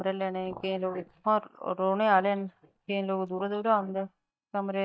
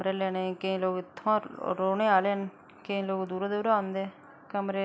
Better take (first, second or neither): second